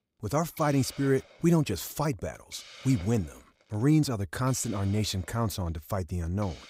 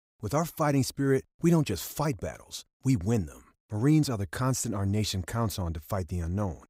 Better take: second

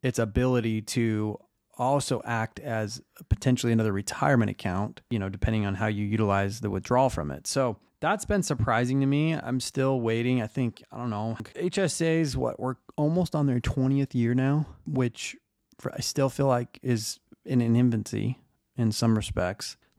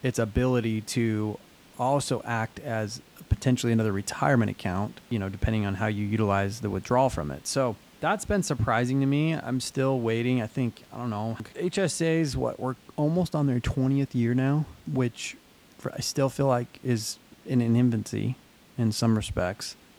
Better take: first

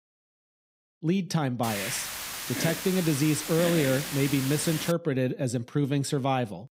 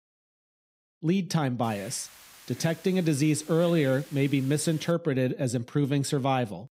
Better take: second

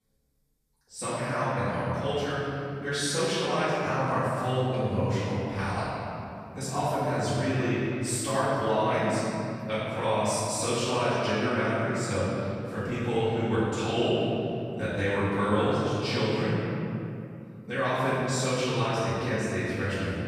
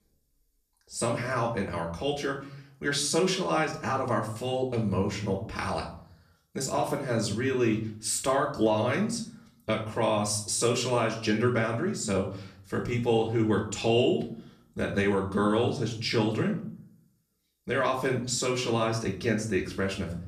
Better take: second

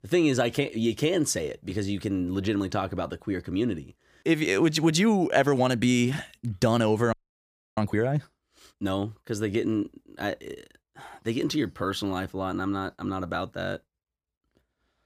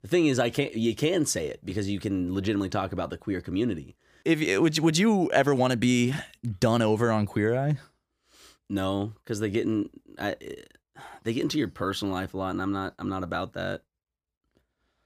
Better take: second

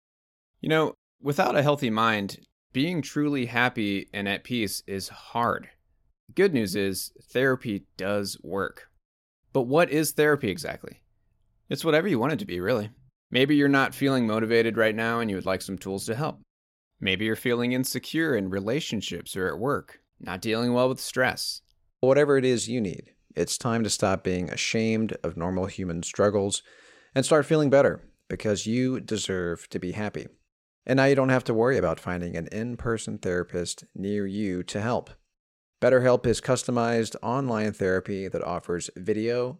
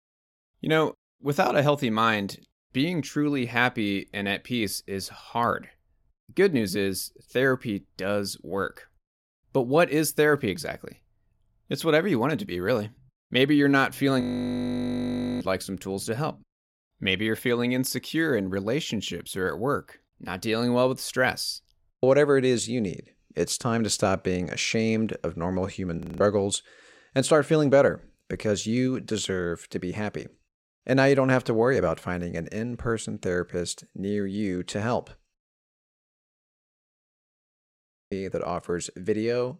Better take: first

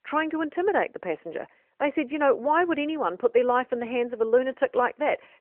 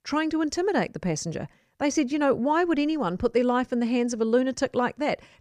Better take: second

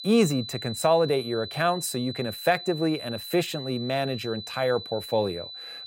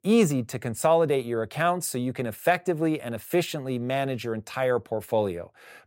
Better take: second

